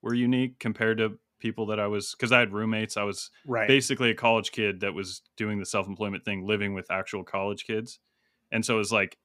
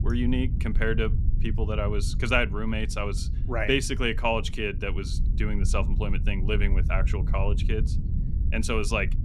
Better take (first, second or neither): first